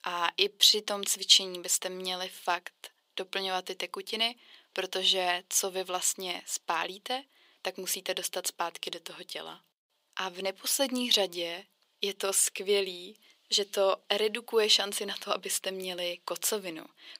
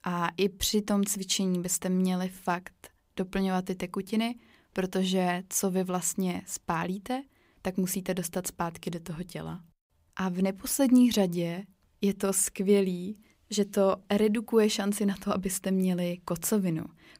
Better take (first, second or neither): second